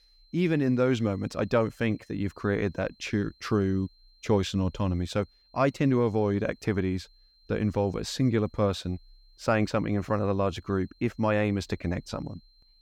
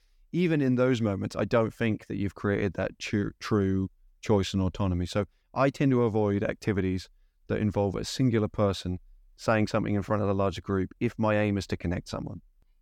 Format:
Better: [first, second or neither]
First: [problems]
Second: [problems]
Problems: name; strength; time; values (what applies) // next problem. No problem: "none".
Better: second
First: high-pitched whine; faint; throughout; 4 kHz, 35 dB below the speech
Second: none